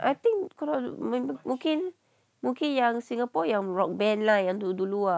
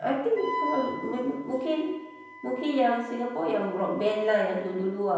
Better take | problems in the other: first | background sound (Wind instrument, woodwind instrument); 11 dB below the speech // room echo; dies away in 0.9 s

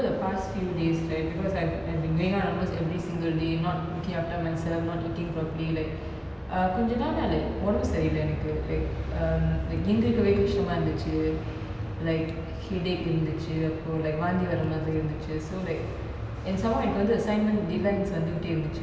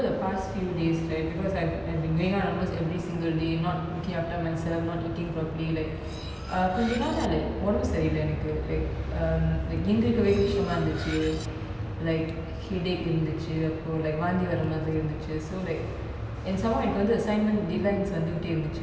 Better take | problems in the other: first | background sound (Cutlery, silverware); 16 dB below the speech

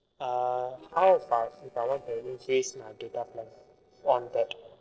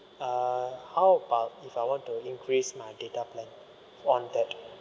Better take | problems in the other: second | noise reduction (neural separator model SepFormer DNS4)

